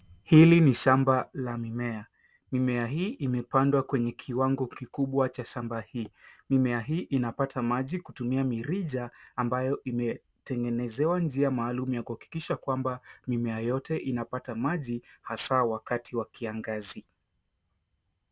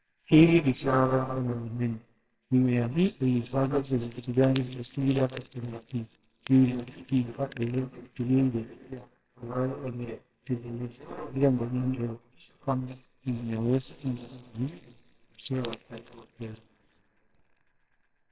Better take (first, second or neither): first